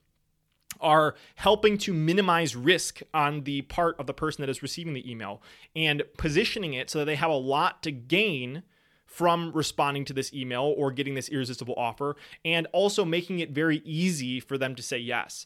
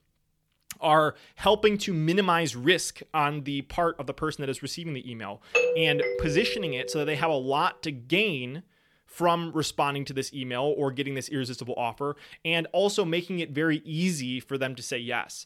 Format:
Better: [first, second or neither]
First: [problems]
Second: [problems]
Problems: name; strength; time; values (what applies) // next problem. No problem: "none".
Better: first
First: none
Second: doorbell; loud; from 5.5 to 7 s; peak 4 dB above the speech